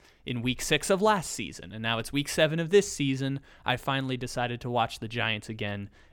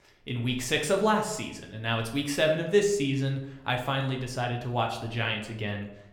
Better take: first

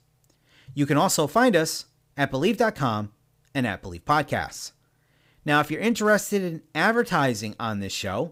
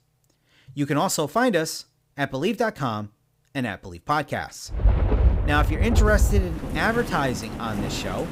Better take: first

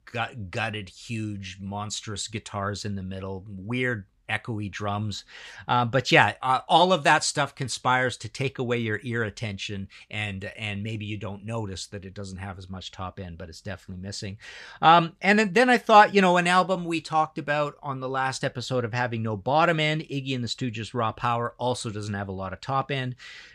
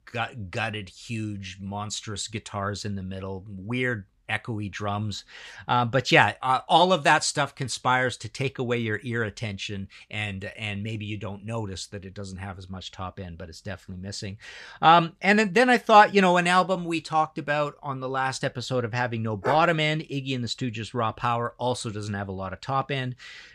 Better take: first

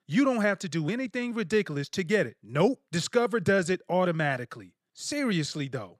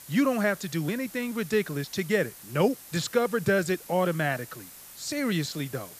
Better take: first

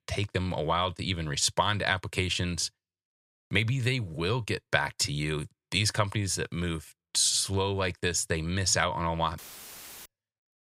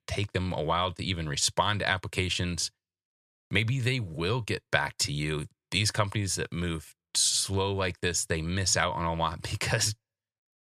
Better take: second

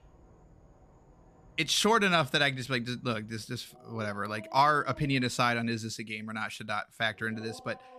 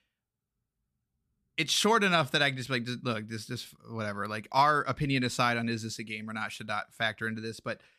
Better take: second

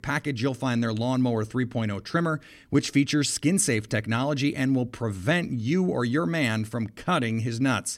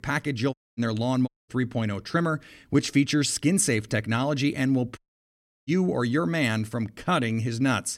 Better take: first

